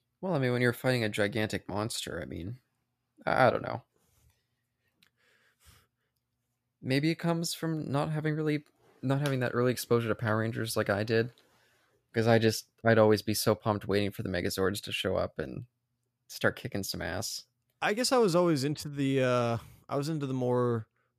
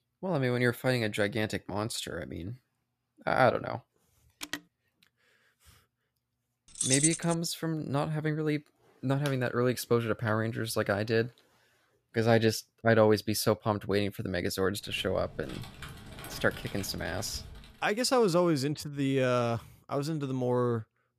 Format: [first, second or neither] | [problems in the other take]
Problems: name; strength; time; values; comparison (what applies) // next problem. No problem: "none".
first | phone ringing; noticeable; at 4.5 s; peak 10 dB below the speech // jangling keys; loud; at 7 s; peak 4 dB above the speech // keyboard typing; faint; from 15 to 18 s; peak 15 dB below the speech